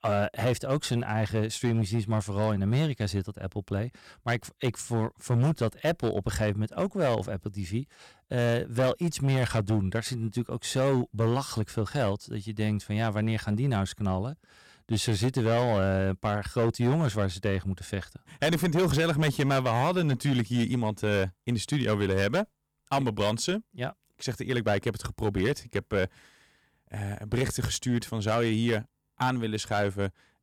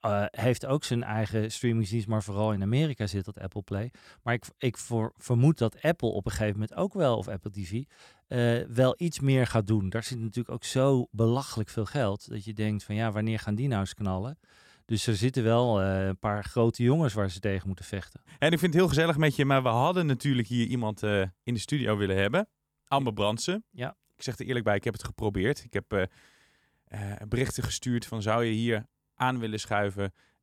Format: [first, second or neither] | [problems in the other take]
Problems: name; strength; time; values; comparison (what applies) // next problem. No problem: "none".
second | distortion; slight; 9% of the sound clipped